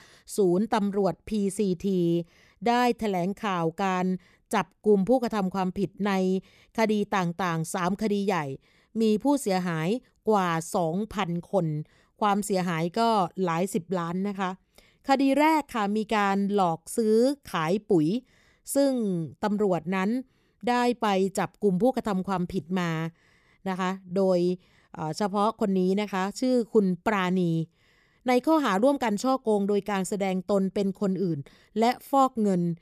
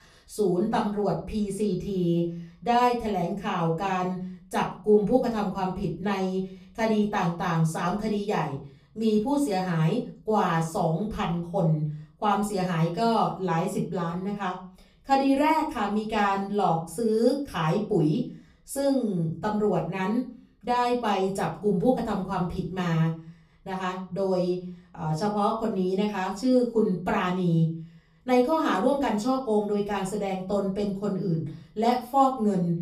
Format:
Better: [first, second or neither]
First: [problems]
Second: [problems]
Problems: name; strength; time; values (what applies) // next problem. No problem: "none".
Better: first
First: none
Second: off-mic speech; far // room echo; slight; dies away in 0.4 s